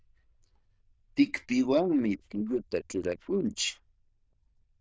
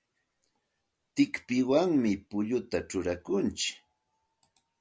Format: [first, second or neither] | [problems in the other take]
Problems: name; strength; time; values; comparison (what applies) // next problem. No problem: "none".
second | noise reduction (neural diffusion model UNIVERSE++)